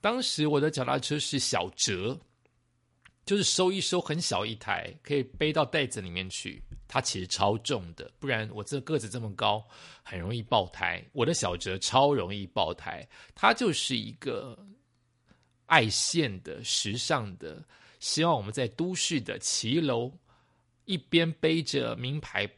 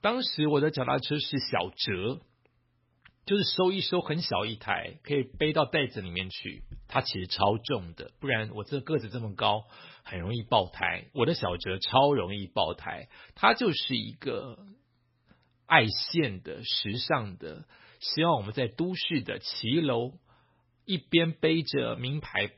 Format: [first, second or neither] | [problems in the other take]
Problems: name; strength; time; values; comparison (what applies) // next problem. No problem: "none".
first | garbled, watery; badly; nothing above 5.5 kHz; slightly in the first